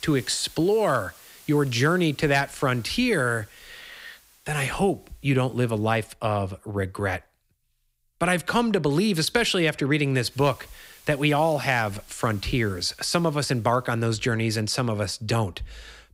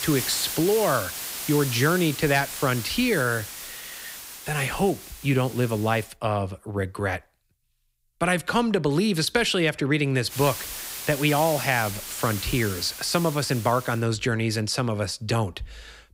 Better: first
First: hiss; faint; until 6 s and from 10 to 14 s; 25 dB below the speech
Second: hiss; loud; until 6 s and from 10 to 14 s; 8 dB below the speech

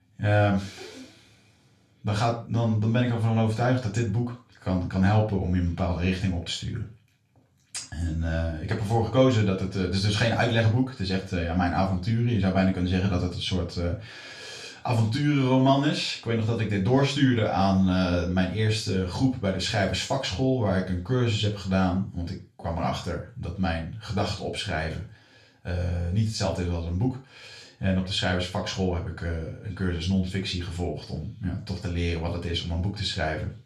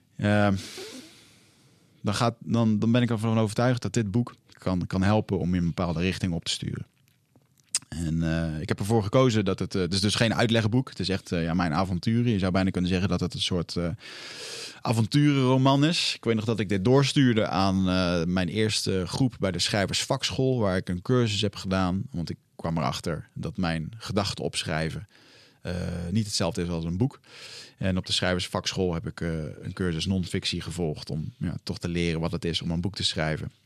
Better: second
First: room echo; slight; dies away in 0.3 s // off-mic speech; far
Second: none

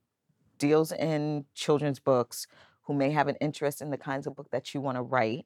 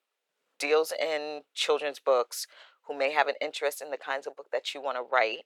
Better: first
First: none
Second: thin; very; fading below 500 Hz

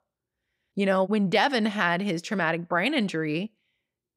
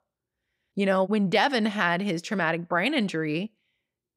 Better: neither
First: none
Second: none

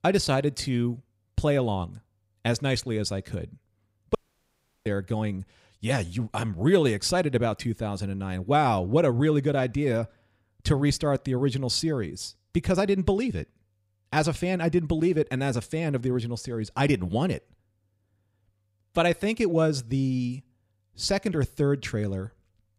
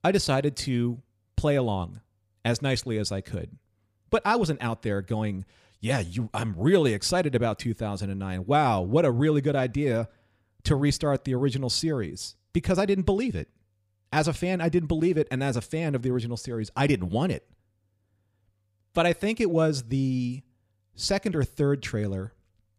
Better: second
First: audio cutting out; at 4 s for 0.5 s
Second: none

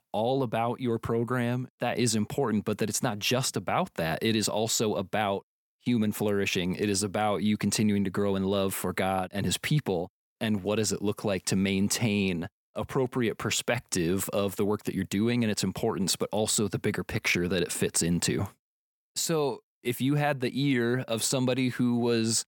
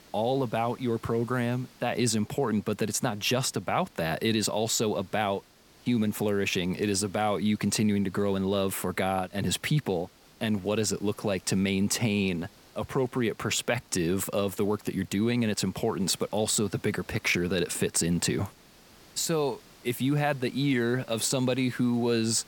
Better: first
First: none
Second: hiss; faint; throughout; 25 dB below the speech

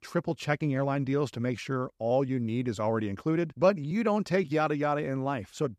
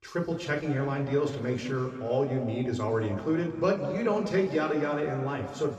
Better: first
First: none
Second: room echo; noticeable; dies away in 2.2 s // off-mic speech; far

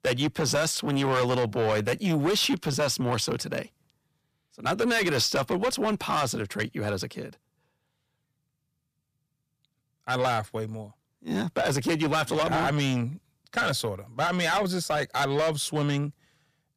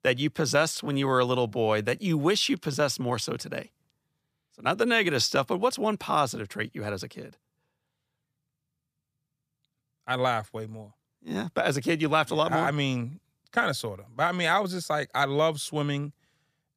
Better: second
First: distortion; heavy; 7 dB below the speech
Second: none

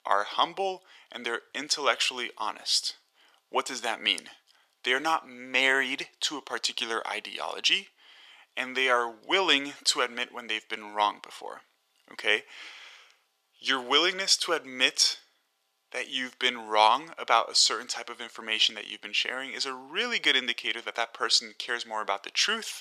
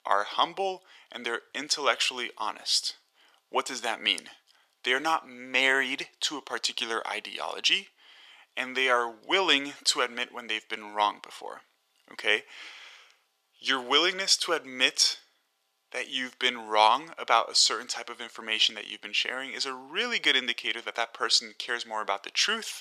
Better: neither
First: thin; very; fading below 550 Hz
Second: thin; very; fading below 550 Hz

